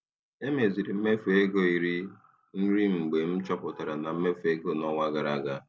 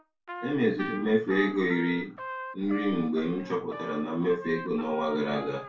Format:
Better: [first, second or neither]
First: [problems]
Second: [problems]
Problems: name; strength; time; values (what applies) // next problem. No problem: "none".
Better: first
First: none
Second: background sound (Trumpet); 12 dB below the speech // room echo; dies away in 0.2 s